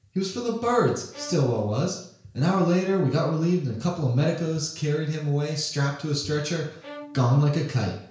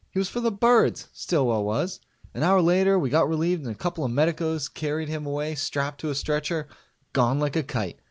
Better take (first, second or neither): second